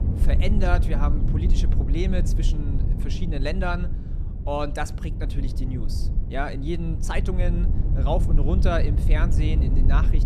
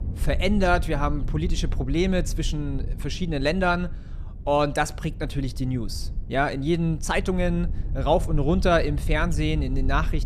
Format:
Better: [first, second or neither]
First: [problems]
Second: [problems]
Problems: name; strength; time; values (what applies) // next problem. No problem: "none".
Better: second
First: low rumble; loud; throughout; 8 dB below the speech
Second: low rumble; faint; throughout; 20 dB below the speech